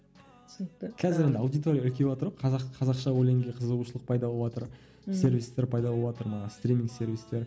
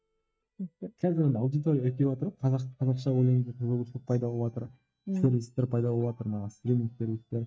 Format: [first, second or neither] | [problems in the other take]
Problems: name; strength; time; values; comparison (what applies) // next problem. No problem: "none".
first | noise reduction (neural mask model DeepFilterNet 3)